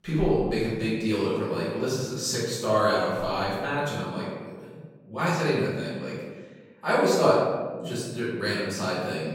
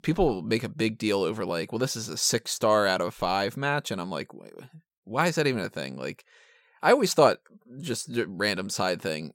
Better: second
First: off-mic speech; far // room echo; strong; dies away in 1.2 s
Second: none

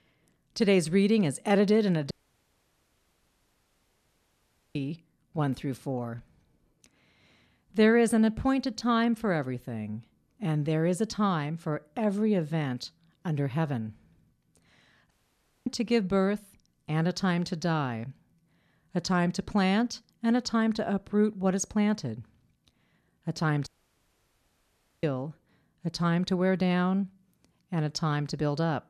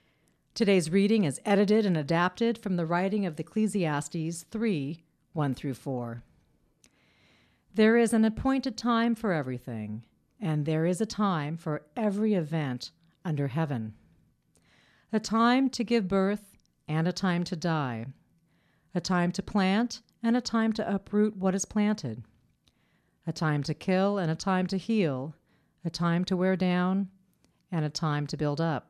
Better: second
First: audio cutting out; at 2 s for 2.5 s, at 15 s for 0.5 s and at 24 s for 1.5 s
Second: none

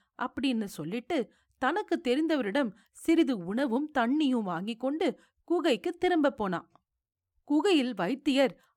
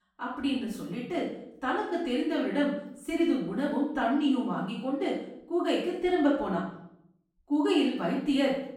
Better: first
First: none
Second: off-mic speech; far // room echo; noticeable; dies away in 0.6 s

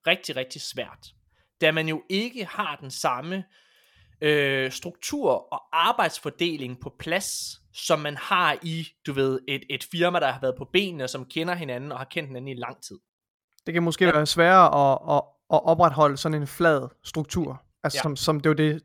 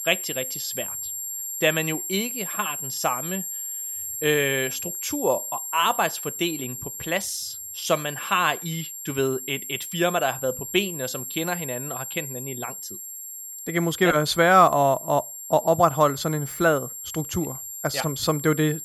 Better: first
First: none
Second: high-pitched whine; loud; throughout; 7.5 kHz, 7 dB below the speech

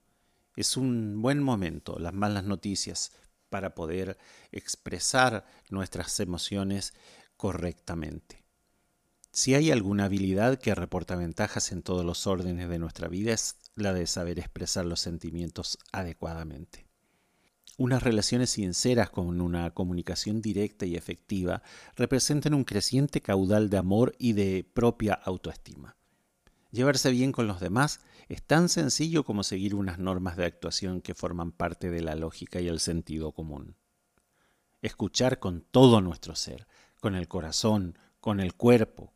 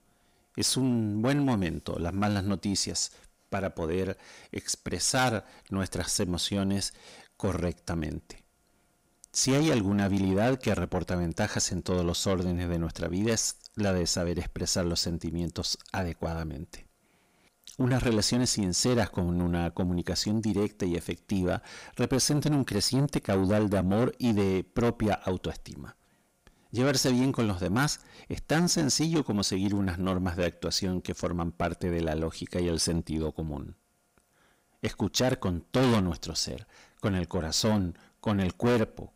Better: first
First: none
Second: distortion; heavy; 8 dB below the speech

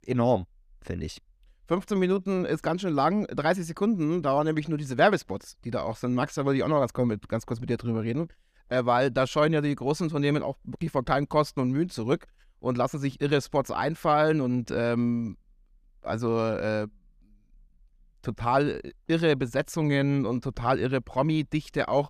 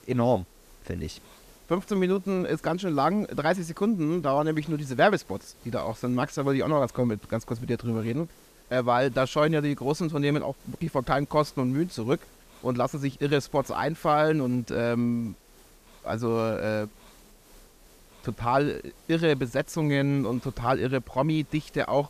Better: first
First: none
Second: hiss; faint; throughout; 25 dB below the speech

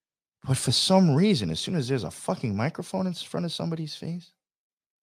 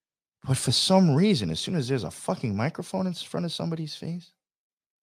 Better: neither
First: none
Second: none

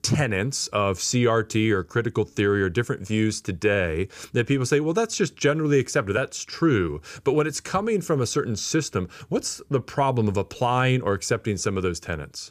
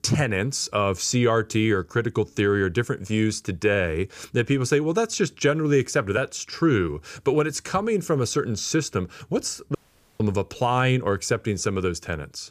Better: first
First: none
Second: audio cutting out; at 10 s

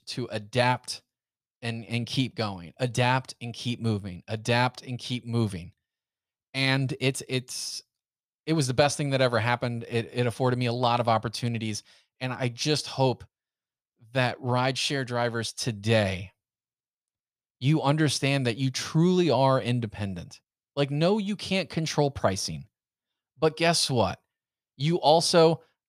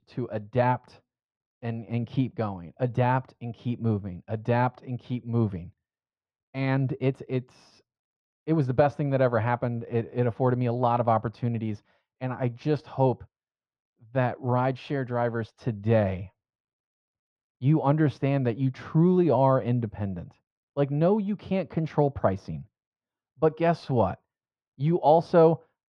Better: first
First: none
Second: muffled; very; fading above 3.5 kHz

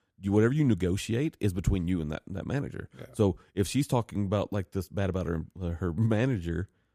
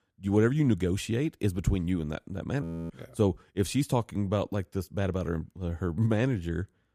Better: first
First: none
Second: audio freezing; at 2.5 s

